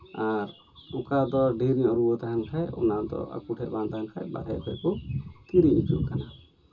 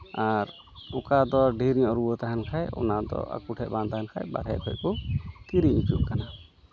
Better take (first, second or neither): second